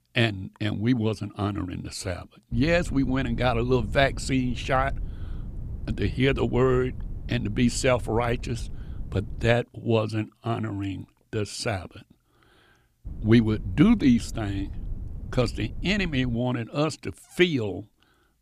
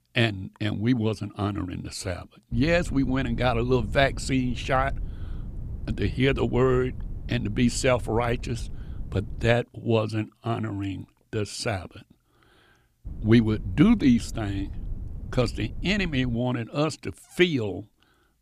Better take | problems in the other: neither | wind noise on the microphone; occasional gusts; from 2.5 to 9.5 s and from 13 to 16 s; 25 dB below the speech; the same in both

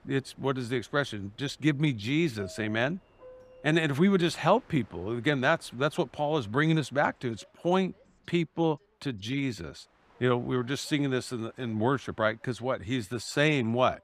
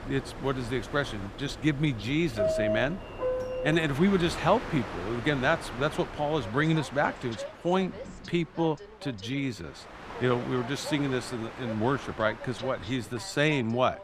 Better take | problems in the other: first | train or aircraft noise; loud; throughout; 8 dB below the speech; faint in the first

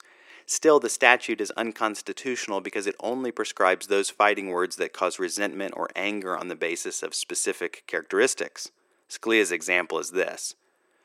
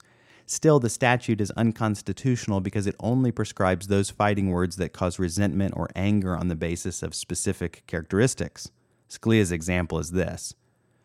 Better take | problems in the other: second | thin; very; fading below 350 Hz

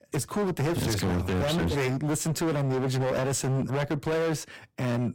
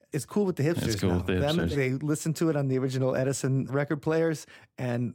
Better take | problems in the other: second | distortion; heavy; 32% of the sound clipped

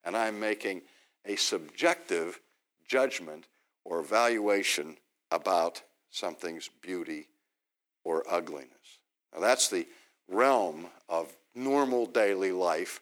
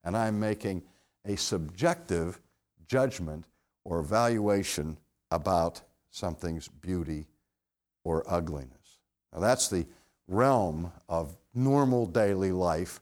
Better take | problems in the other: second | thin; somewhat; fading below 300 Hz

